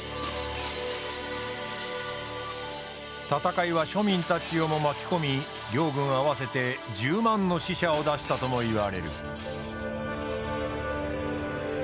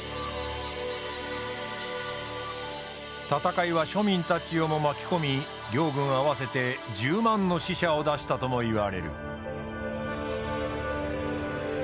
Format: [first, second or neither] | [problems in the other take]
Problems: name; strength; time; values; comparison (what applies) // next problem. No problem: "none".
second | background sound (Shatter); 18 dB below the speech